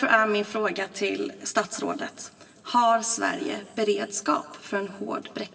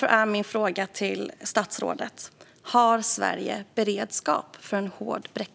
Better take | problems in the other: second | room echo; dies away in 2.3 s

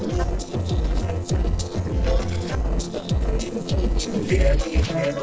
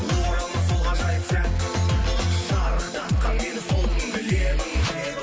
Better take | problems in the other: second | noise reduction (neural separator model SepFormer DNS4)

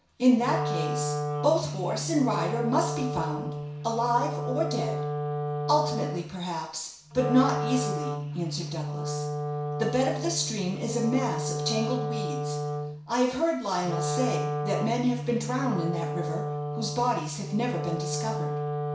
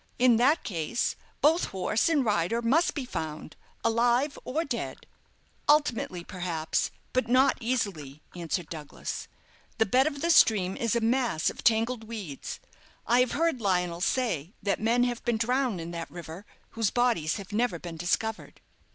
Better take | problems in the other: second | background sound (Wind instrument, woodwind instrument); 2 dB below the speech // room echo; dies away in 0.6 s

